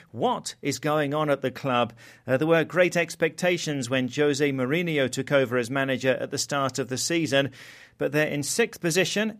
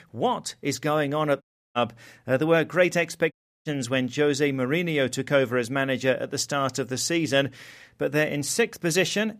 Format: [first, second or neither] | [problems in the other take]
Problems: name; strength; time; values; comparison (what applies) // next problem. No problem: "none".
first | audio cutting out; at 1.5 s and at 3.5 s